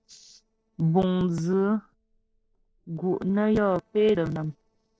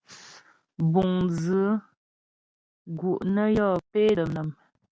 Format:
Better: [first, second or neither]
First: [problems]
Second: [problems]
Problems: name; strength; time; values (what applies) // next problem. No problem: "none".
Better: second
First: noise reduction (neural separator model SepFormer DNS4)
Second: none